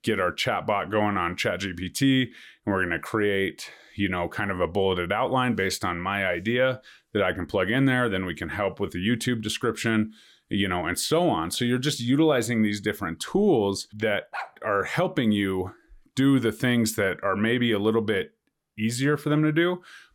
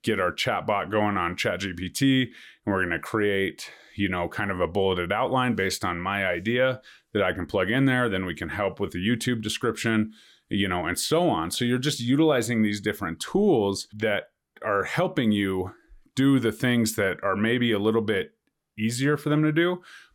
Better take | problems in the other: second | dog barking; faint; at 14 s; peak 10 dB below the speech

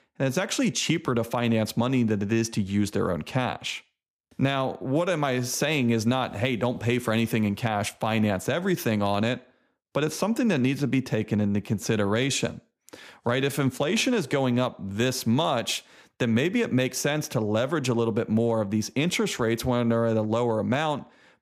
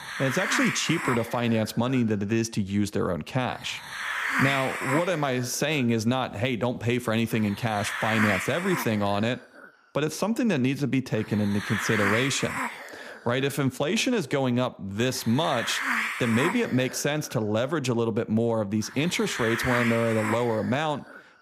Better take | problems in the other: first | hiss; loud; throughout; 3 dB below the speech

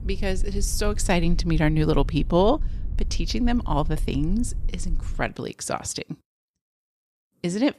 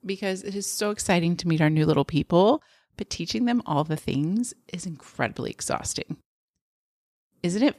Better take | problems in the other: second | low rumble; faint; until 5 s; 25 dB below the speech

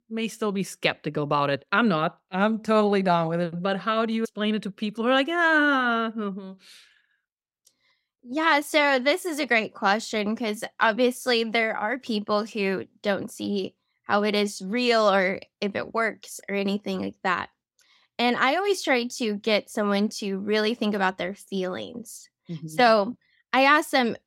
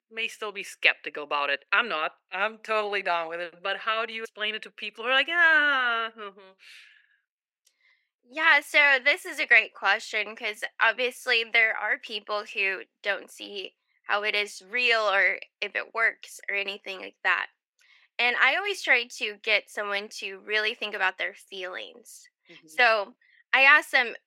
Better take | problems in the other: first | thin; very; fading below 400 Hz

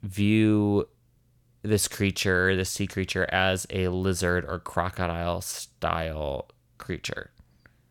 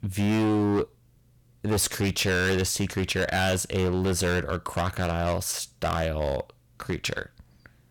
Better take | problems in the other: first | distortion; heavy; 14% of the sound clipped

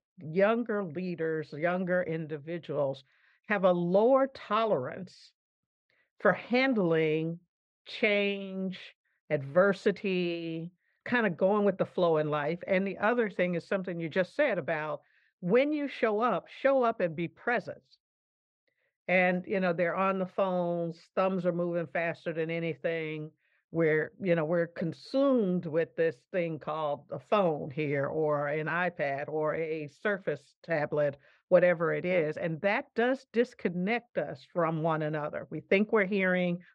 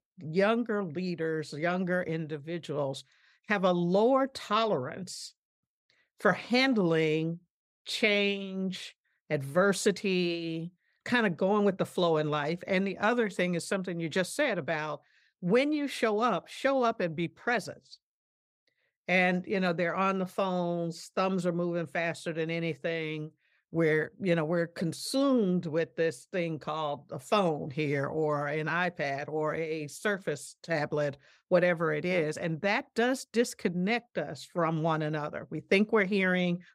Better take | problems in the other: second | muffled; slightly; fading above 2.5 kHz

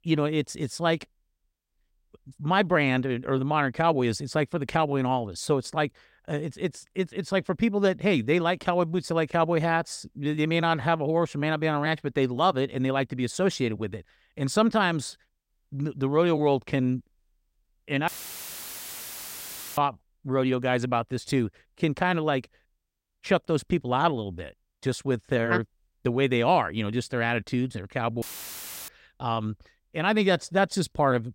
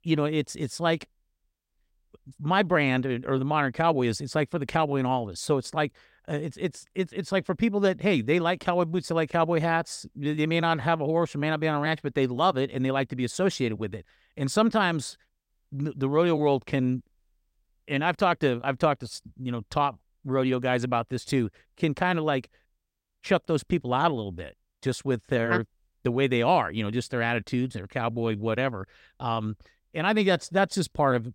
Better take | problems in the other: second | audio cutting out; filled with static; at 18 s for 1.5 s and at 28 s for 0.5 s

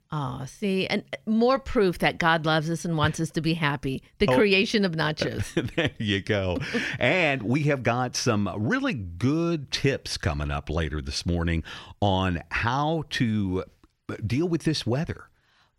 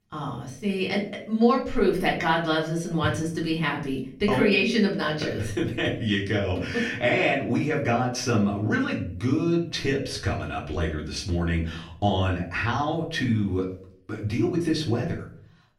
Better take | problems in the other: first | room echo; slight; dies away in 0.4 s // off-mic speech; far

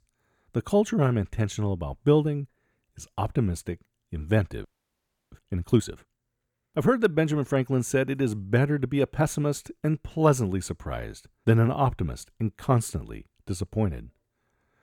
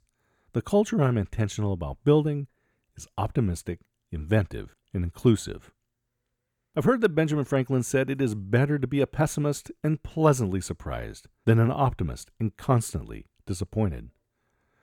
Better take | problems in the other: second | audio freezing; at 4.5 s for 0.5 s

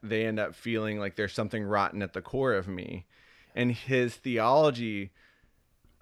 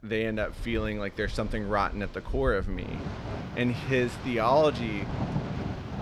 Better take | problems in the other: first | rain or running water; loud; throughout; 8 dB below the speech

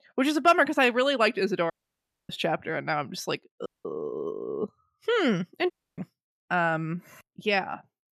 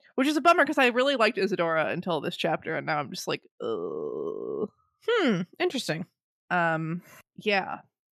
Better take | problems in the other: second | audio cutting out; at 1.5 s for 0.5 s, at 3.5 s and at 5.5 s

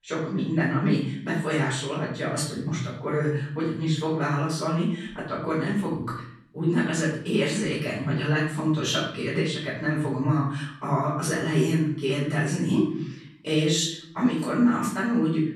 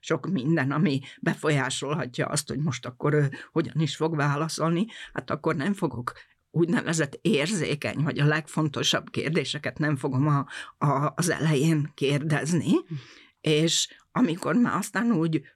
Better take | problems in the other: second | room echo; noticeable; dies away in 0.5 s // off-mic speech; far

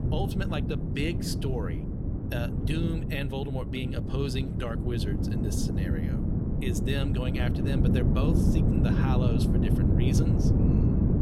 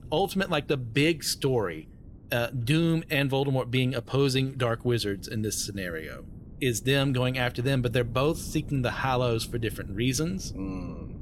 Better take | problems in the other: second | wind noise on the microphone; heavy; as loud as the speech; occasional gusts in the second

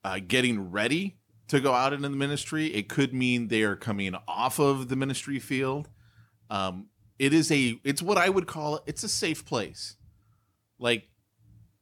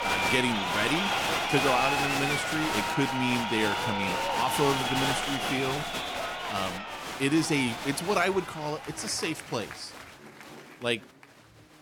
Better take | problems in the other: first | crowd noise; very loud; throughout; 1 dB above the speech

